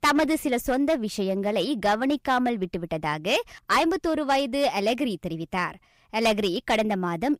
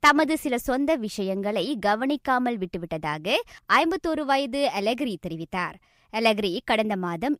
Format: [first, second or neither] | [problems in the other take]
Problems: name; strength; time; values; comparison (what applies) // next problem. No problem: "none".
second | distortion; slight; 4% of the sound clipped